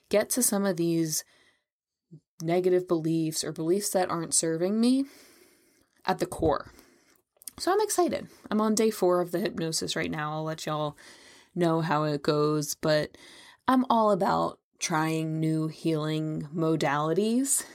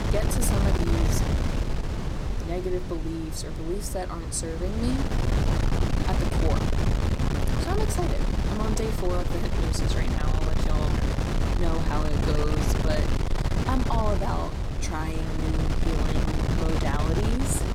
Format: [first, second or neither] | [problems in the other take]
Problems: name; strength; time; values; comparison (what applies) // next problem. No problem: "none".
first | wind noise on the microphone; heavy; as loud as the speech